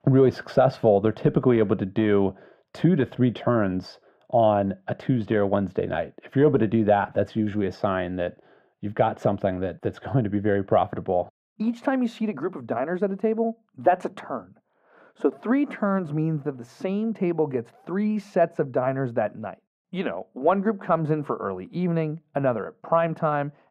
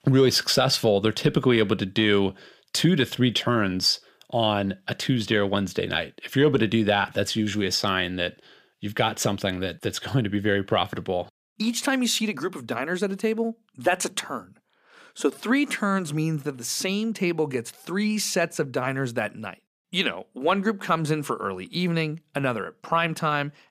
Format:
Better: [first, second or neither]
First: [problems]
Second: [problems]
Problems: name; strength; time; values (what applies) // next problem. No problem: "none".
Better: second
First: muffled; very; fading above 2.5 kHz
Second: none